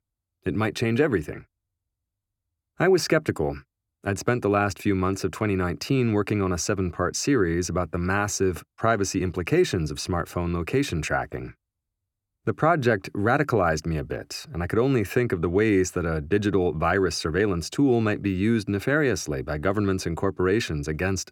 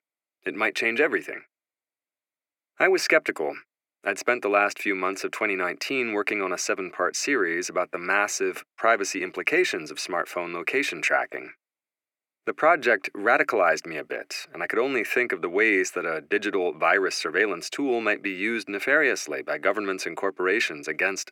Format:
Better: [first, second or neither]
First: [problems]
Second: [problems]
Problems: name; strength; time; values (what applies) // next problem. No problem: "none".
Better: first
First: none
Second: thin; somewhat; fading below 350 Hz